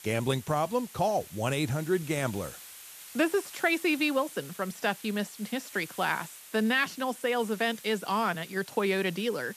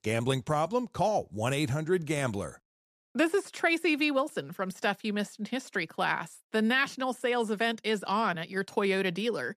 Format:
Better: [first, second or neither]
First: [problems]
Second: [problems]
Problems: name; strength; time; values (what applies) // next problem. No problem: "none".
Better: second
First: hiss; noticeable; throughout; 15 dB below the speech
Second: none